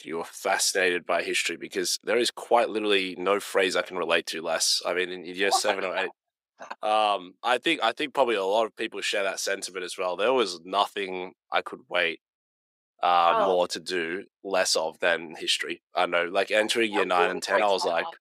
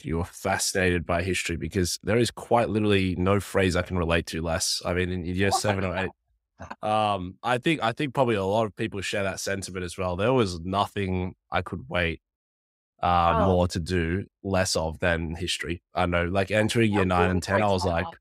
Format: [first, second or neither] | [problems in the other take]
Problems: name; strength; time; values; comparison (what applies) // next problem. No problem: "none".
second | thin; somewhat; fading below 350 Hz